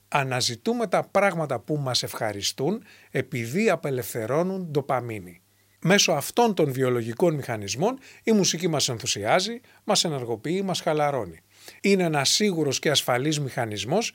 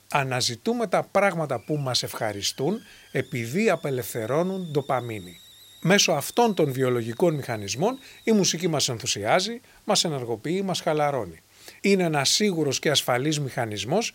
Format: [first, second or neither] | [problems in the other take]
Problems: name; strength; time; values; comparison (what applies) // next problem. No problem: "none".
first | hiss; faint; throughout; 25 dB below the speech